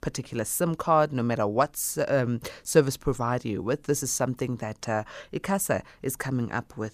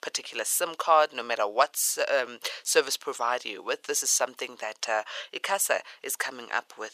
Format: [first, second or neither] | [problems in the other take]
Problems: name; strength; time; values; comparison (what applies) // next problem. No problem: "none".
first | thin; very; fading below 550 Hz